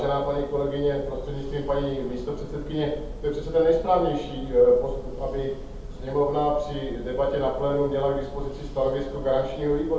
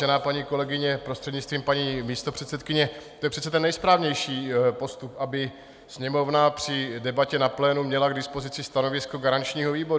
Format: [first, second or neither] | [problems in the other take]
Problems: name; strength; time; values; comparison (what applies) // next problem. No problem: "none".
second | background sound (Church bell); 11 dB below the speech // room echo; dies away in 0.7 s